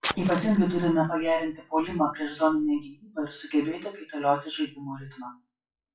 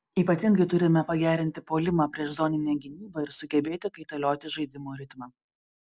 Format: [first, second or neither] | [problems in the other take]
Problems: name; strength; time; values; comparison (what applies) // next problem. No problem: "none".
second | noise reduction (classical method WPE with log-MMSE)